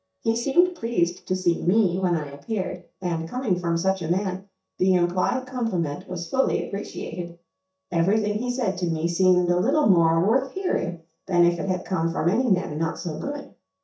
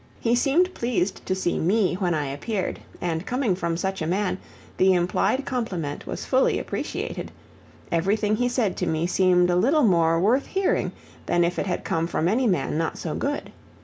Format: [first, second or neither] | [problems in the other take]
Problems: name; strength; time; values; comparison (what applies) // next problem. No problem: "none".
second | noise reduction (neural mask model DeepFilterNet 3)